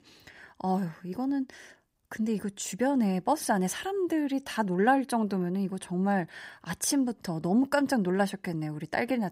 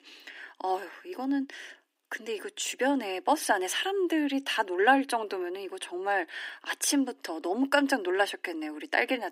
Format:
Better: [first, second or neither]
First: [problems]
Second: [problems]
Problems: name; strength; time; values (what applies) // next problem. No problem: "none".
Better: first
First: none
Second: thin; very slightly; fading below 250 Hz